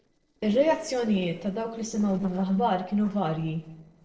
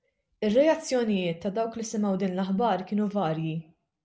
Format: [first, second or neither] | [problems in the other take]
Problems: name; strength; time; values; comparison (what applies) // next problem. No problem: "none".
second | noise reduction (neural separator model SepFormer DNS4)